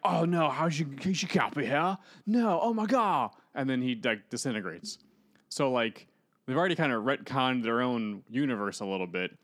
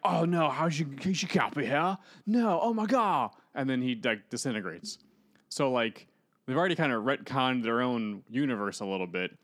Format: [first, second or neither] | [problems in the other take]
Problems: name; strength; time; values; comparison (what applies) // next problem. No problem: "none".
neither | none